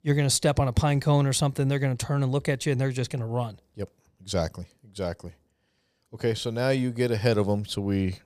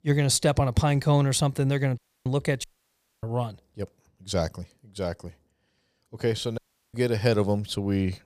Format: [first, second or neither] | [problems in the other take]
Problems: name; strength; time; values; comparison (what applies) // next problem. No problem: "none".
first | audio cutting out; at 2 s, at 2.5 s for 0.5 s and at 6.5 s